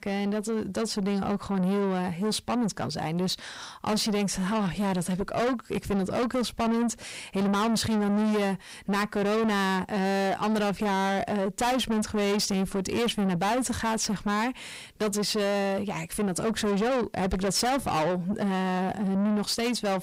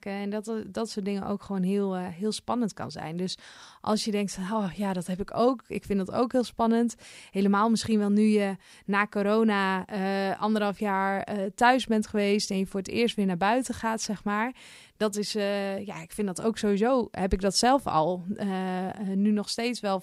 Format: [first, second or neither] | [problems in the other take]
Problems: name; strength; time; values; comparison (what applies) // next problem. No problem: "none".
second | distortion; heavy; 6 dB below the speech